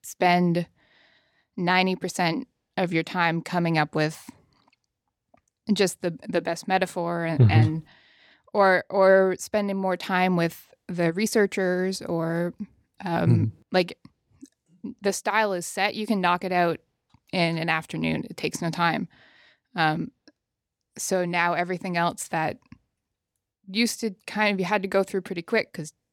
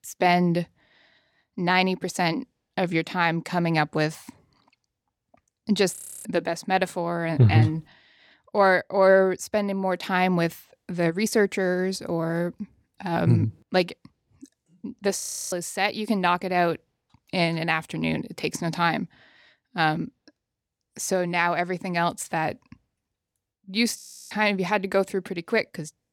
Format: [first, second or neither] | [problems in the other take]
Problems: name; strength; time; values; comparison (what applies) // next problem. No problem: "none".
first | audio freezing; at 6 s, at 15 s and at 24 s